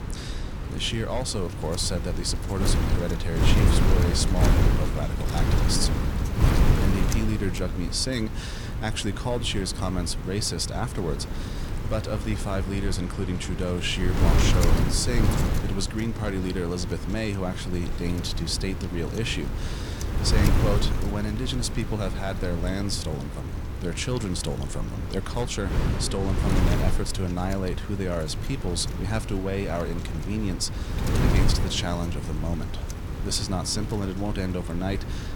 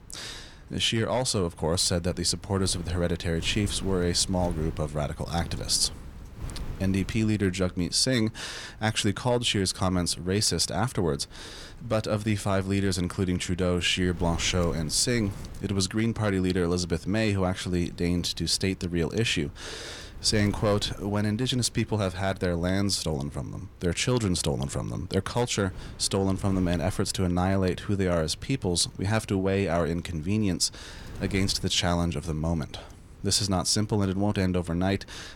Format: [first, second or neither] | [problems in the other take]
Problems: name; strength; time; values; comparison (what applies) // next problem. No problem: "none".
second | wind noise on the microphone; heavy; 4 dB below the speech; occasional gusts in the second